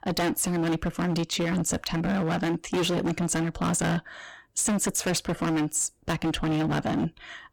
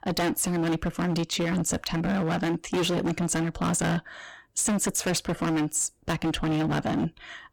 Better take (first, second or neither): neither